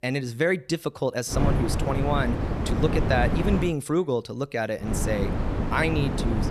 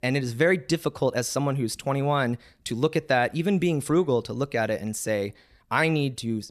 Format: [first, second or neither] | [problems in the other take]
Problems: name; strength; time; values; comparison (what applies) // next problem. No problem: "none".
second | wind noise on the microphone; heavy; from 1.5 to 3.5 s and from 5 s on; 5 dB below the speech